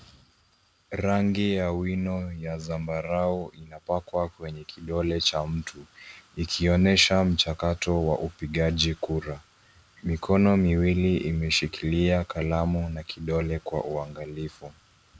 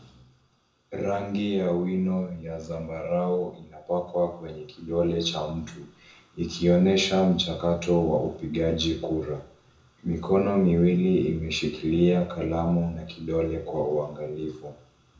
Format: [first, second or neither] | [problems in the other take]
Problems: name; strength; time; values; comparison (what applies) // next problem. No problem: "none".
first | room echo; dies away in 0.6 s